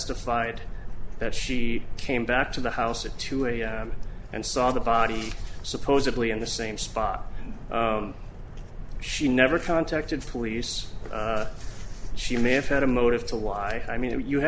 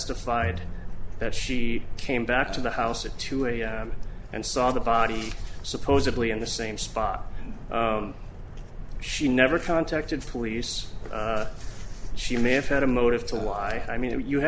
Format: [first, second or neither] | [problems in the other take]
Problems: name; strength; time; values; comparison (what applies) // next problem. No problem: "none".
first | background sound (Bowed string instrument + Burping, eructation); 14 dB below the speech